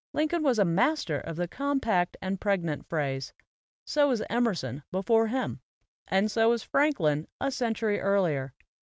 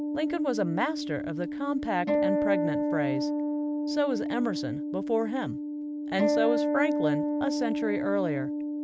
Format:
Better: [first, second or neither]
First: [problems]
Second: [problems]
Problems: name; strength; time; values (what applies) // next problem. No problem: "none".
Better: first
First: none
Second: background sound (Acoustic guitar); 2 dB above the speech